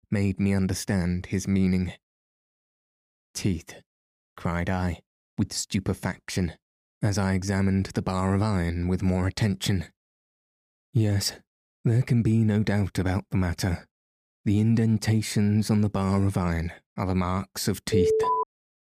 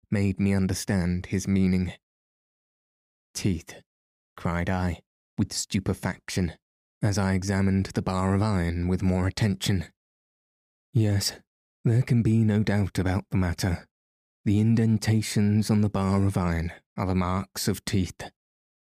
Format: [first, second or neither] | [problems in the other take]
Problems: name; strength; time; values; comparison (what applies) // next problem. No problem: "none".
second | alarm; loud; at 18 s; peak 4 dB above the speech